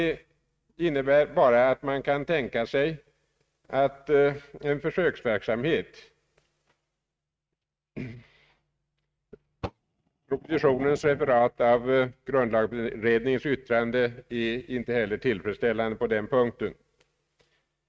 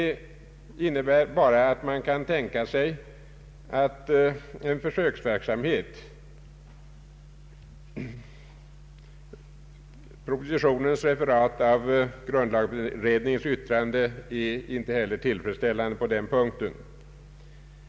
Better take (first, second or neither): second